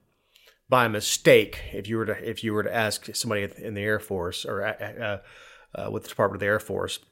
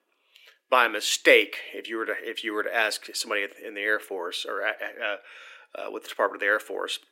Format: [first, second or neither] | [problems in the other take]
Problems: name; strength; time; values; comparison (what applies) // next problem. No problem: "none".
first | thin; somewhat; fading below 300 Hz